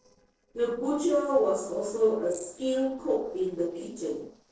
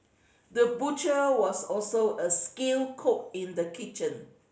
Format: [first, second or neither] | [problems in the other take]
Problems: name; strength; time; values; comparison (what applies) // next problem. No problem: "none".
second | noise reduction (neural separator model SepFormer DNS4)